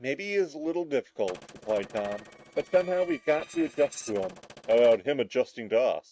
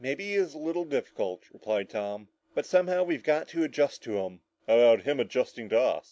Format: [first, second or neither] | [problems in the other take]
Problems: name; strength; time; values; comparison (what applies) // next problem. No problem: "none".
second | noise reduction (neural mask model RNNoise)